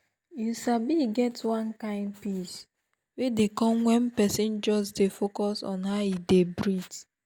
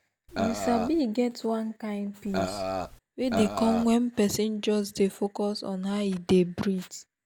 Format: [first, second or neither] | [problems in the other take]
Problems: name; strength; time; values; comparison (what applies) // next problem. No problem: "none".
first | background sound (Burping, eructation); 4 dB below the speech